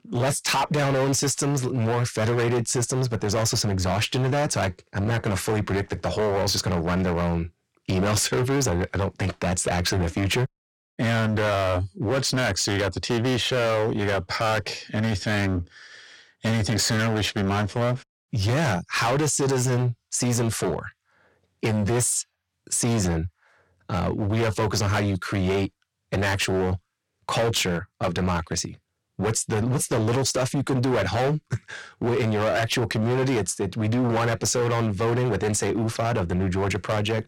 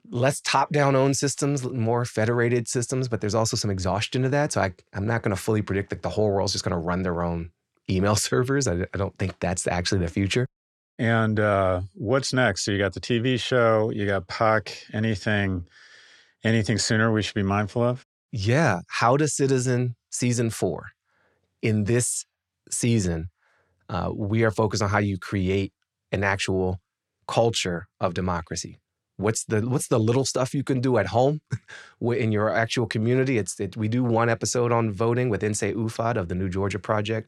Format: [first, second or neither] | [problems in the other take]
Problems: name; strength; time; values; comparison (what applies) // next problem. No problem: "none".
second | distortion; heavy; 21% of the sound clipped